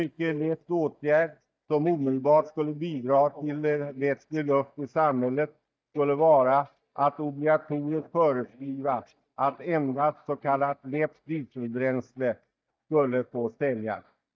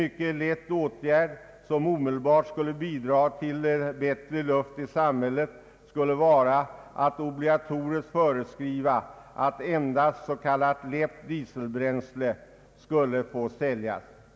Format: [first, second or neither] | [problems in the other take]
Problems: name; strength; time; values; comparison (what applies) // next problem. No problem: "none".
second | noise reduction (neural mask model DeepFilterNet 3)